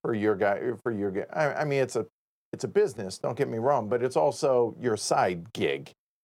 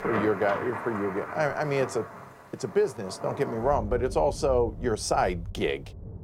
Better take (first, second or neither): first